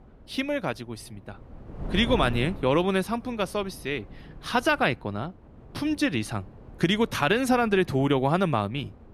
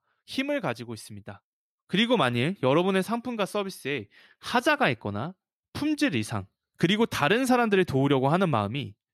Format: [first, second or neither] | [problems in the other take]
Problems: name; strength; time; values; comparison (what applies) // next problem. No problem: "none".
second | wind noise on the microphone; occasional gusts; 20 dB below the speech